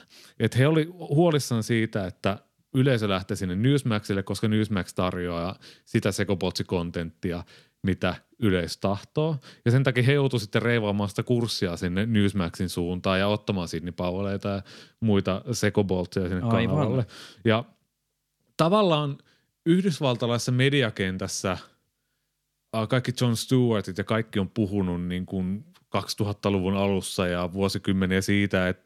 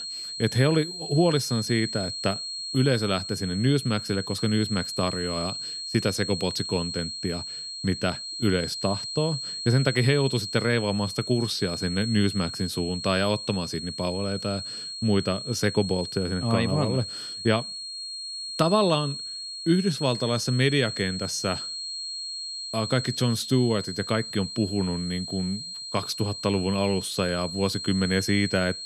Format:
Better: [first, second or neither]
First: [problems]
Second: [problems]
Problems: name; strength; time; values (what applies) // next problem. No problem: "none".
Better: first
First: none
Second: high-pitched whine; loud; throughout; 4.5 kHz, 6 dB below the speech